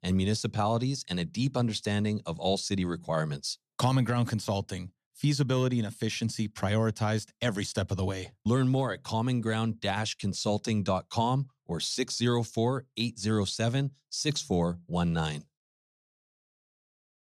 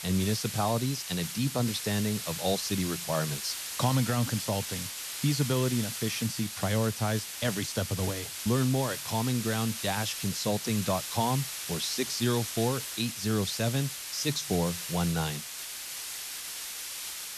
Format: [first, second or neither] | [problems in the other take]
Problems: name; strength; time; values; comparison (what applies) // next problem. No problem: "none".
first | hiss; loud; throughout; 5 dB below the speech